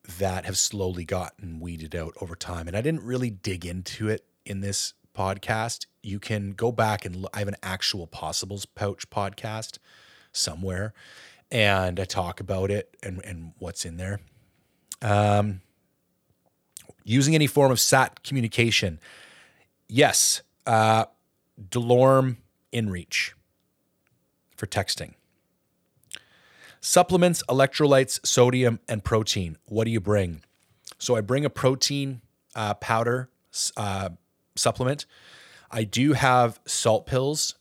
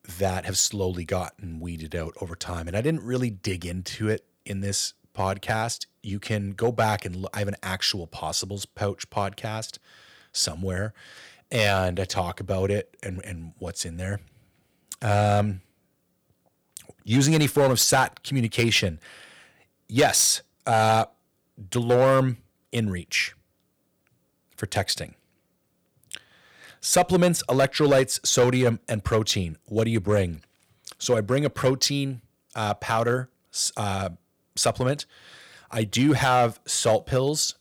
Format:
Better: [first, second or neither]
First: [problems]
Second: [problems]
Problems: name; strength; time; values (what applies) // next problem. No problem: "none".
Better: first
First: none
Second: distortion; slight; 1.6% of the sound clipped